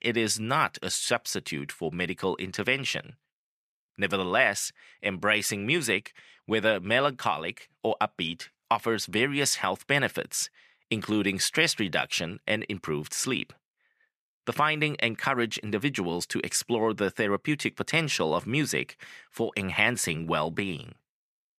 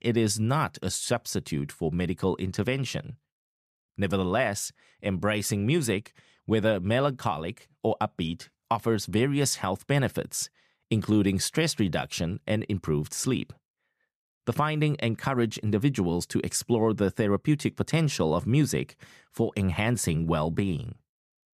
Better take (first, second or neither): second